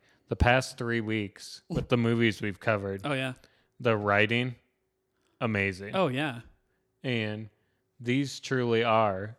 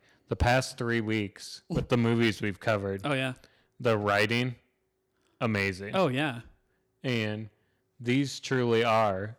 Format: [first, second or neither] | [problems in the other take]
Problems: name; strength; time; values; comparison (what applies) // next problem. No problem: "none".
first | distortion; slight; 1.9% of the sound clipped